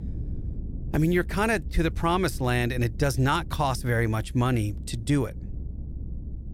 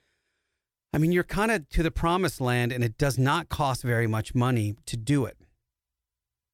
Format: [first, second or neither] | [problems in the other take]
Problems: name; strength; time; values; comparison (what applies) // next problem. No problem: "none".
second | low rumble; faint; throughout; 25 dB below the speech